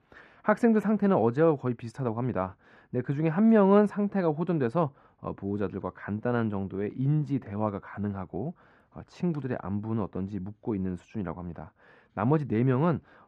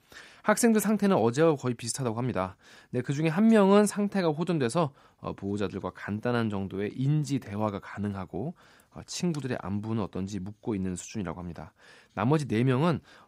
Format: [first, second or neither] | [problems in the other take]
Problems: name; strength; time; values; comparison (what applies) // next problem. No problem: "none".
second | muffled; very; fading above 3.5 kHz